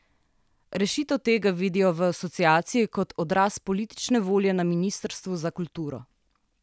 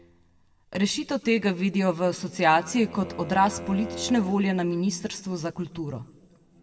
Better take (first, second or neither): first